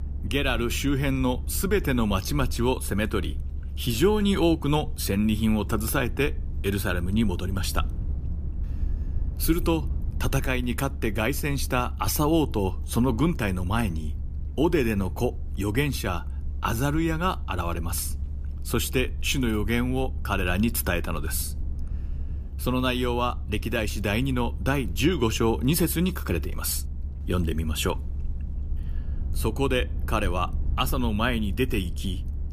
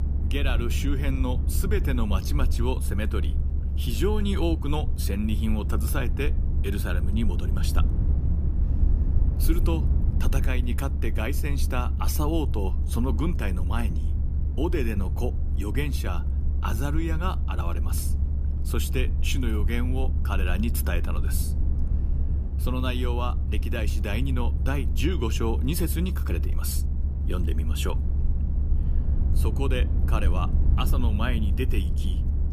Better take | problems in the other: first | low rumble; loud; throughout; 9 dB below the speech; faint in the first

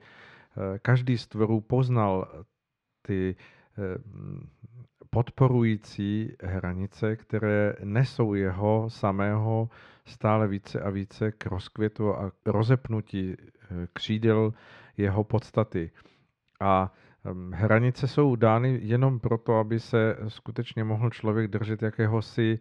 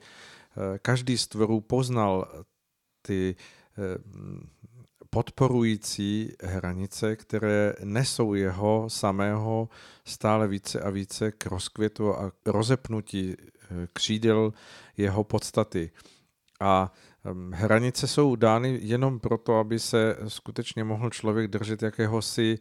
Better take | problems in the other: second | muffled; slightly; fading above 2.5 kHz

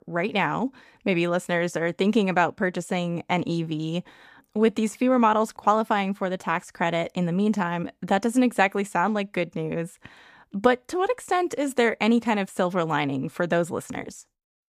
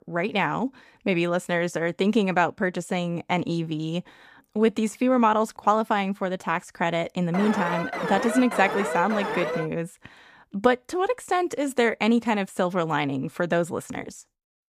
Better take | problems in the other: first | alarm; noticeable; from 7.5 to 9.5 s; peak 3 dB below the speech

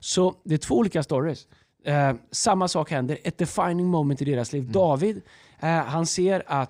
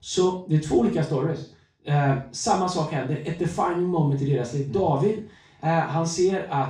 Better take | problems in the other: first | room echo; noticeable; dies away in 0.3 s // off-mic speech; far

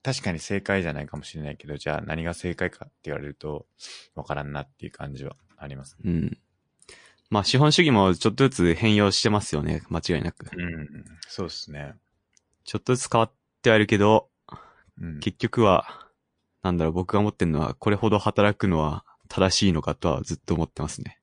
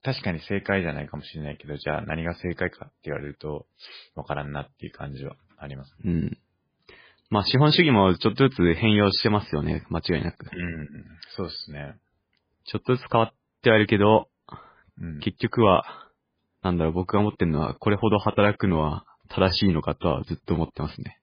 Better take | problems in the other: first | garbled, watery; badly; nothing above 4 kHz; slightly in the first

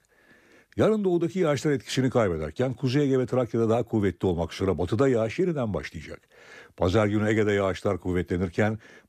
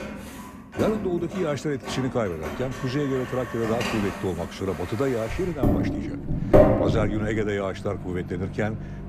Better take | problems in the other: first | household noises; very loud; throughout; as loud as the speech

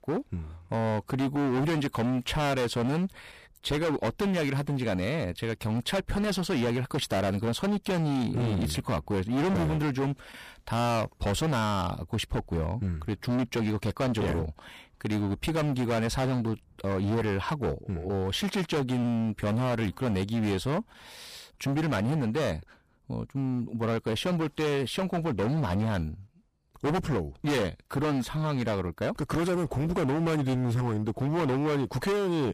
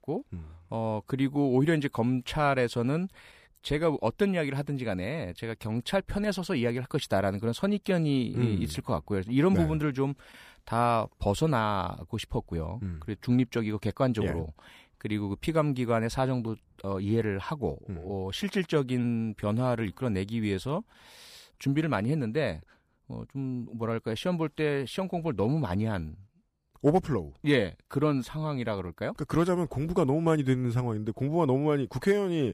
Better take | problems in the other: second | distortion; heavy; 25% of the sound clipped

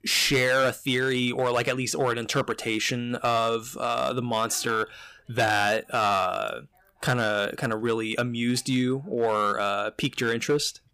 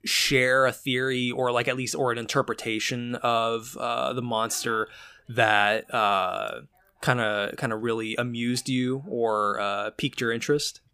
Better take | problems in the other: second | distortion; slight; 5% of the sound clipped

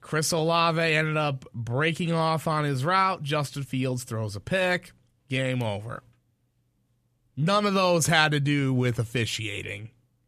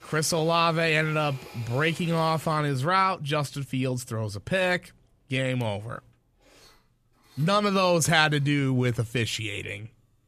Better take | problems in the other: first | machinery noise; faint; throughout; 25 dB below the speech

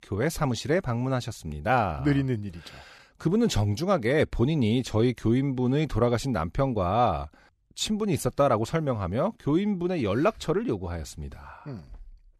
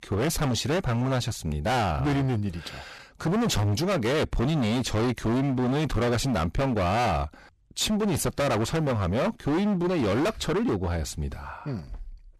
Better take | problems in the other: first | distortion; heavy; 30% of the sound clipped

